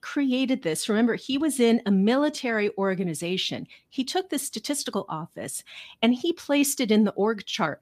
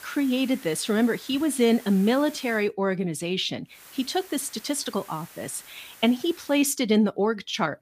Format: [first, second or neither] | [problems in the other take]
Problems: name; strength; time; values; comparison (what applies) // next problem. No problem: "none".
first | hiss; noticeable; until 2.5 s and from 4 to 6.5 s; 20 dB below the speech